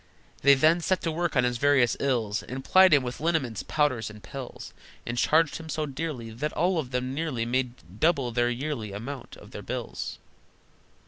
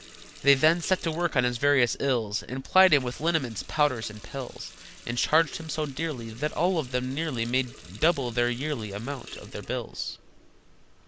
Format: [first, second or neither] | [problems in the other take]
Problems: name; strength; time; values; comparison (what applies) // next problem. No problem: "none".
first | background sound (Water tap, faucet); 20 dB below the speech